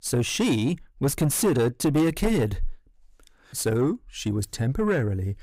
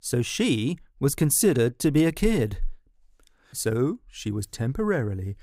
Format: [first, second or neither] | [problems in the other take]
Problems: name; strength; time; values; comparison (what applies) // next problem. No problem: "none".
second | distortion; slight; 10 dB below the speech